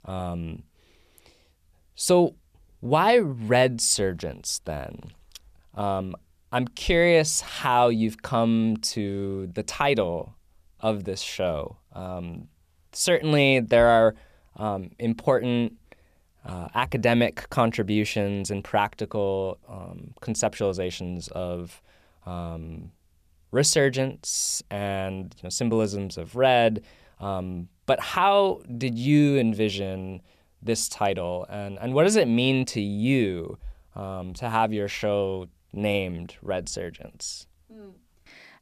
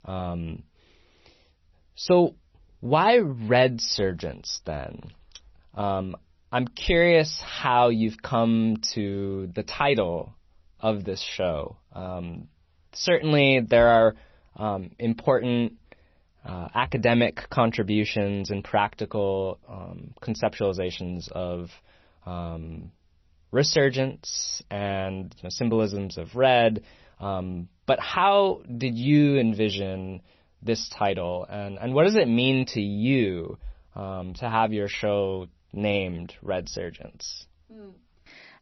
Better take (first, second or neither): first